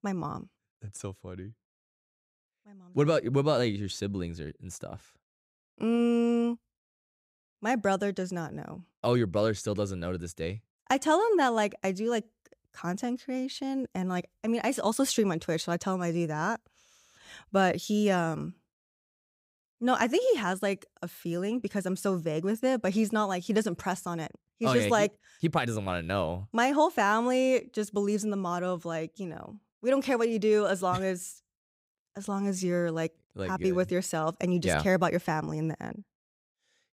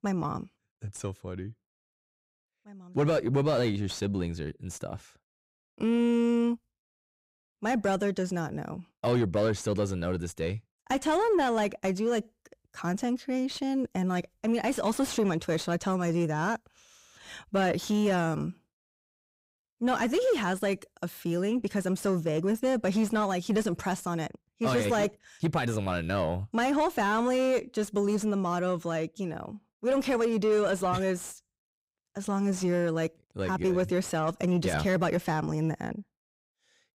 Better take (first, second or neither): first